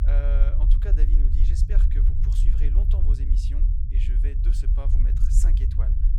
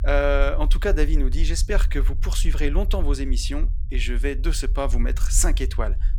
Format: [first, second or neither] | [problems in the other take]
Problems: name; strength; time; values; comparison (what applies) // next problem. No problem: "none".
second | low rumble; loud; throughout; 1 dB below the speech; faint in the second